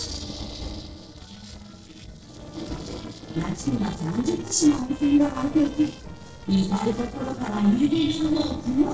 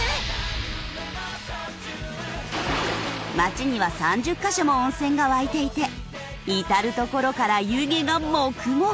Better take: second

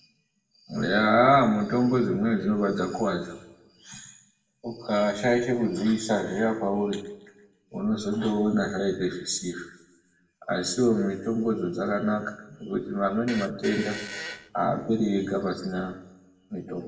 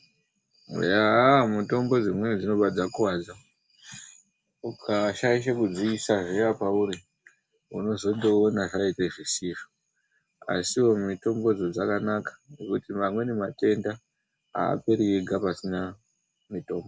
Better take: second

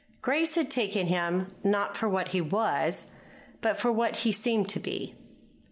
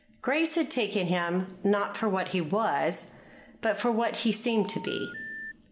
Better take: first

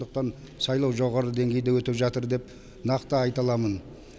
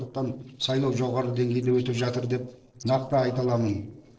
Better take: first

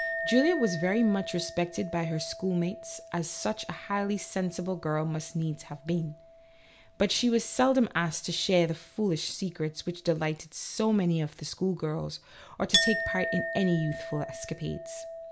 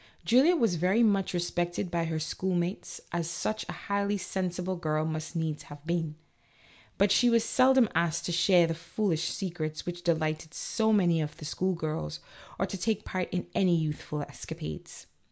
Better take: second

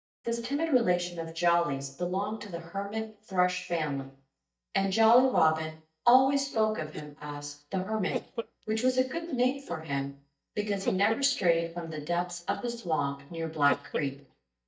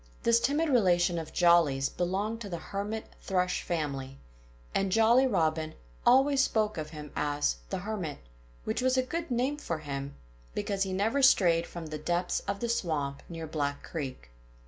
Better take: second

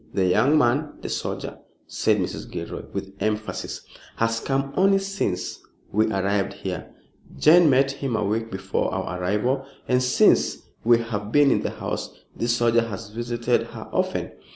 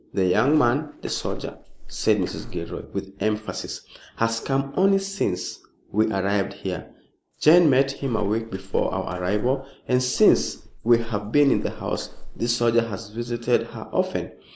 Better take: first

